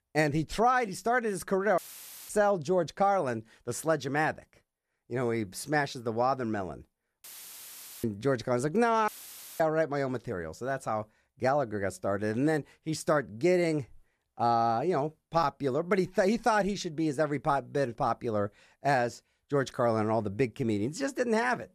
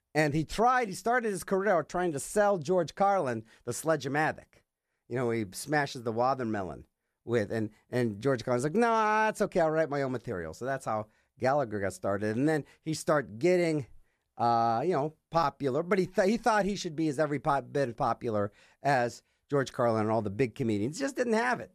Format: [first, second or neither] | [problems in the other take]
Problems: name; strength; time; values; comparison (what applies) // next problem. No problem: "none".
second | audio cutting out; filled with static; at 2 s for 0.5 s, at 7 s for 1 s and at 9 s for 0.5 s